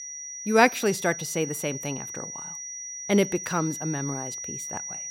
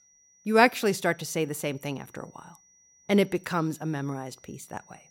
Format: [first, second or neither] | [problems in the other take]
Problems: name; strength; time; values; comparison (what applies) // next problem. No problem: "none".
second | high-pitched whine; loud; throughout; 6 kHz, 8 dB below the speech; faint in the second